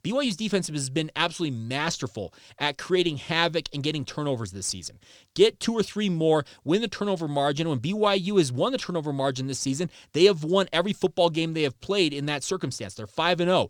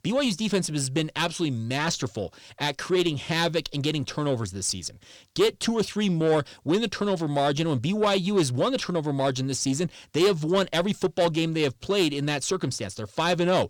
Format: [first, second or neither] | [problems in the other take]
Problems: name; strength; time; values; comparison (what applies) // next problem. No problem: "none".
first | distortion; slight; 10 dB below the speech